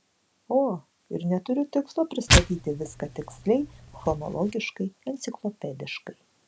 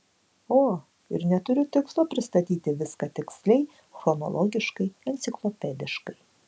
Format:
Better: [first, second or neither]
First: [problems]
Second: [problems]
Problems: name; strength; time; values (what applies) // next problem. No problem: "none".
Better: second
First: background sound (Tearing); 2 dB above the speech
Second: none